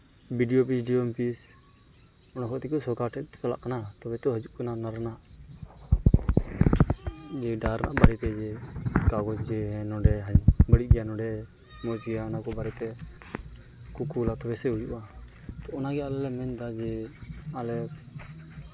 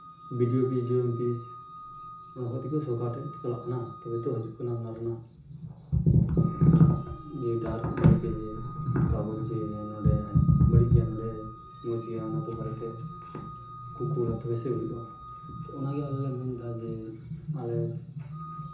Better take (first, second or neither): first